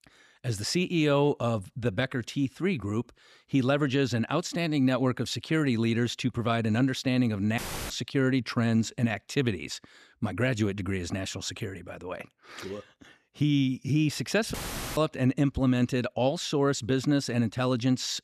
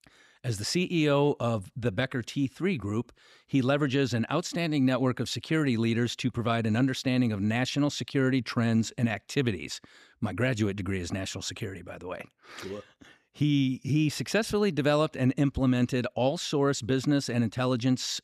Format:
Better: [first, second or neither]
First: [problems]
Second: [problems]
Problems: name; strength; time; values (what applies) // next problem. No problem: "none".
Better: second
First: audio cutting out; filled with static; at 7.5 s and at 15 s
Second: none